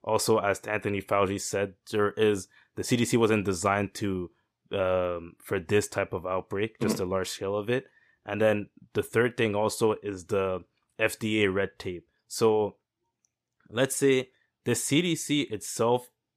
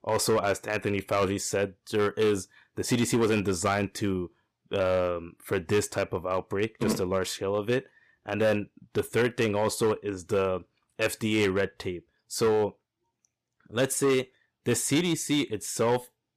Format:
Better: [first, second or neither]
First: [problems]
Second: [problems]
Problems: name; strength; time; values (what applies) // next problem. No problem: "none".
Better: first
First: none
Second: distortion; slight; 5% of the sound clipped